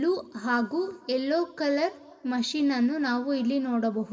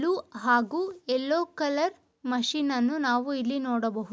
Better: second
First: room echo; dies away in 1 s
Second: none

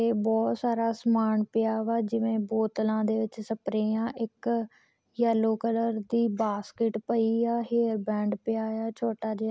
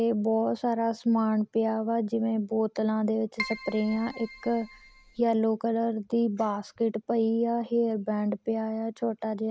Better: first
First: none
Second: background sound (Keyboard (musical)); 13 dB below the speech

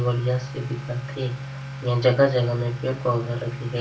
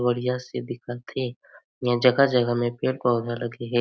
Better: second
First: background sound (Accelerating, revving, vroom / Motor vehicle (road)); 10 dB below the speech // room echo; dies away in 0.3 s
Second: none

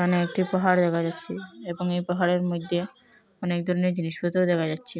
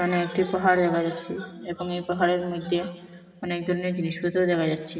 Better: first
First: none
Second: room echo; dies away in 1.9 s

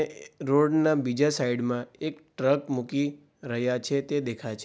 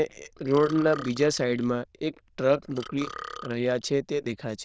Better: first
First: none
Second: noise reduction (neural diffusion model UNIVERSE++)

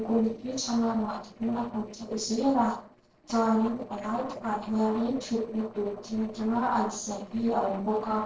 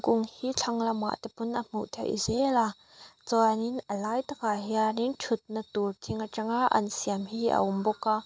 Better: second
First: noise reduction (neural separator model SepFormer DNS4)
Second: none

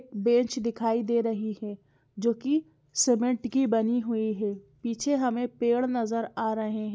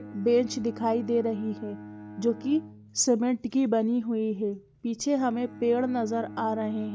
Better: first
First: none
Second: background sound (Bowed string instrument); 16 dB below the speech

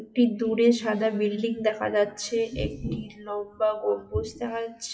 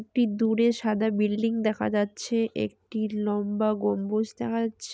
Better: second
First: noise reduction (classical method WPE with log-MMSE)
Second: none

